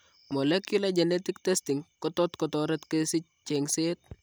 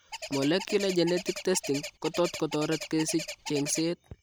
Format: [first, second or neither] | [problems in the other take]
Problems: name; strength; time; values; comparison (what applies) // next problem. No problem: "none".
first | background sound (Bird); 10 dB below the speech